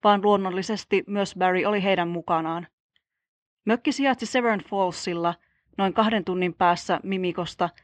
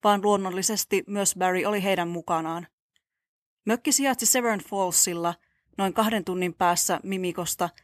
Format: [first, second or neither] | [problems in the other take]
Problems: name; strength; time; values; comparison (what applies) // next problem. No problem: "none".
second | muffled; very; fading above 4 kHz